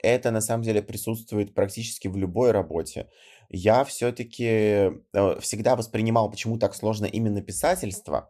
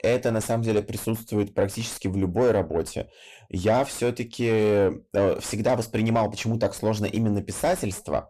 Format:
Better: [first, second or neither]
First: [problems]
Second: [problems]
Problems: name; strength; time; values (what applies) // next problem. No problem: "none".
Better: first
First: none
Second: distortion; slight; 10 dB below the speech